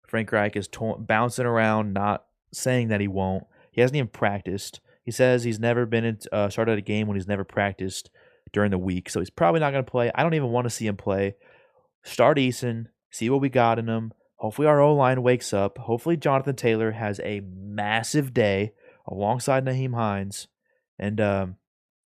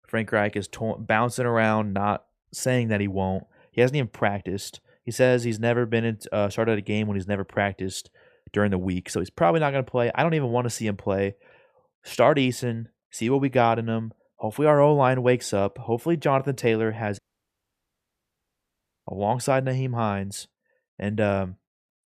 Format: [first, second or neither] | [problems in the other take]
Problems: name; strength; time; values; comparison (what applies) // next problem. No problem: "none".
first | audio cutting out; at 17 s for 2 s